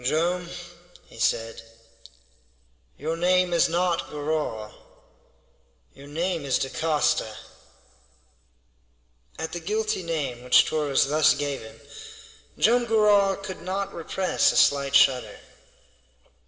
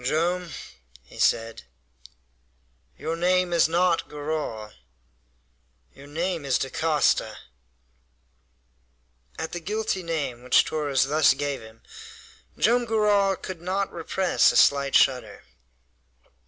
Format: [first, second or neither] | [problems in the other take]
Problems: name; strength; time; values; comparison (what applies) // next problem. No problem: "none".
second | room echo; dies away in 2 s